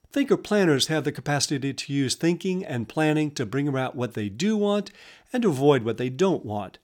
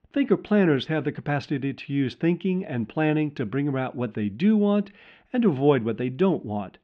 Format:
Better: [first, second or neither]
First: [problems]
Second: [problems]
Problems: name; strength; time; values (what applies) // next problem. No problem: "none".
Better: first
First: none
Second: muffled; very; fading above 3 kHz